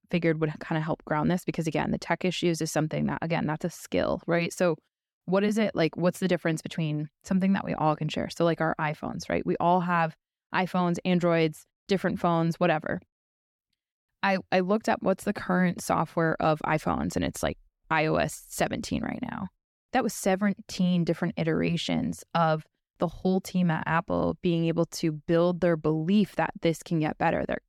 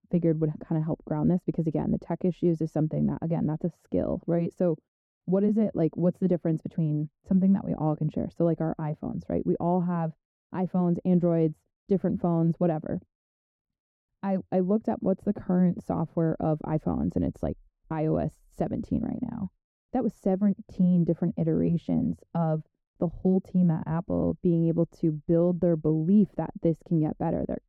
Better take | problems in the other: first | muffled; very; fading above 1 kHz

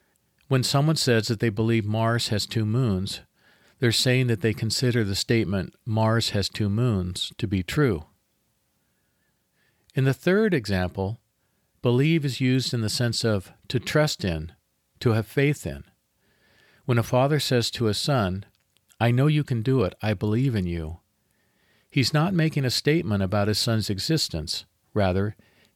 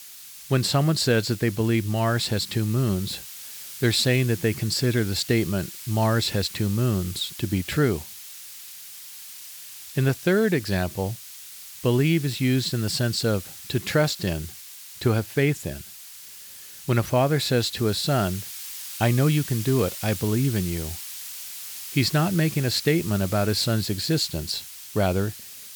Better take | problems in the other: first | hiss; noticeable; throughout; 10 dB below the speech

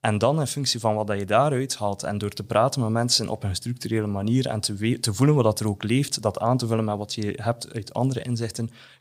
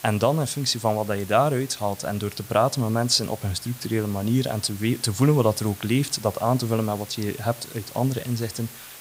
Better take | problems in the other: first | hiss; noticeable; throughout; 15 dB below the speech

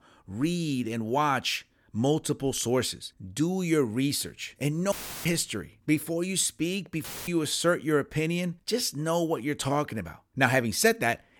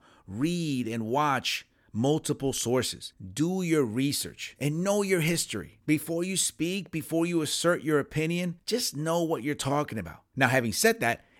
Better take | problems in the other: second | audio cutting out; filled with static; at 5 s and at 7 s

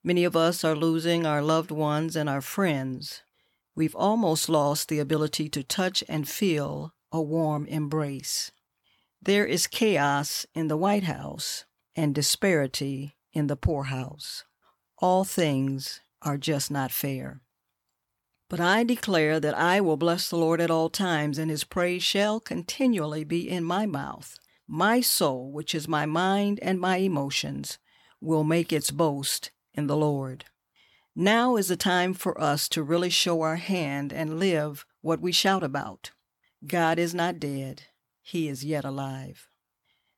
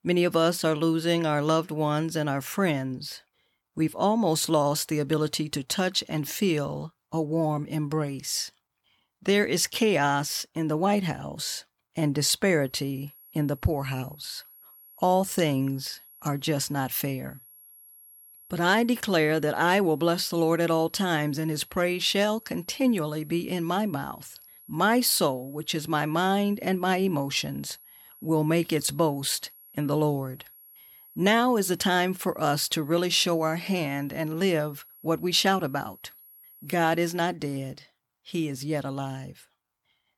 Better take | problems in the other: first | high-pitched whine; faint; from 13 to 37 s; 11.5 kHz, 25 dB below the speech

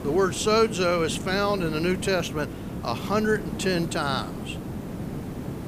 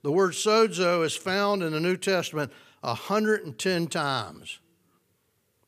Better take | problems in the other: second | hiss; loud; throughout; 8 dB below the speech

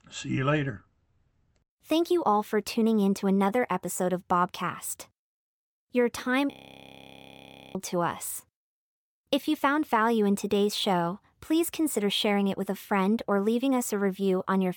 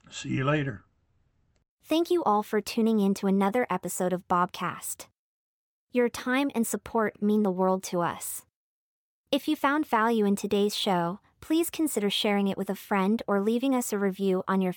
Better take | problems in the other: second | audio freezing; at 6.5 s for 1 s

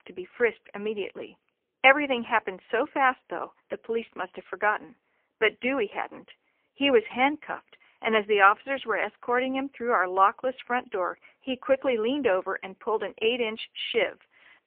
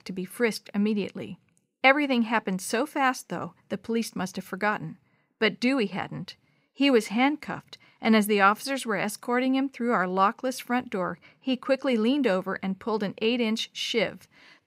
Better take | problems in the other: second | phone-call audio; poor line

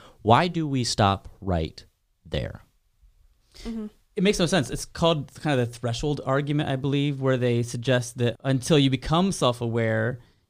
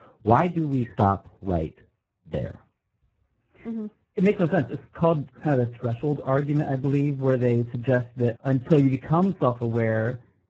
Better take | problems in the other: first | garbled, watery; badly; nothing above 7.5 kHz

